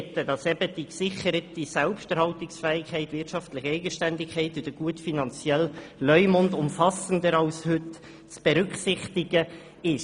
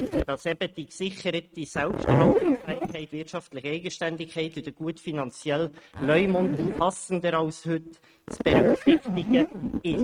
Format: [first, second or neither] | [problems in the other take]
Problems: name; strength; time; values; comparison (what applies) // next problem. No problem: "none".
first | noise reduction (neural mask model RNNoise)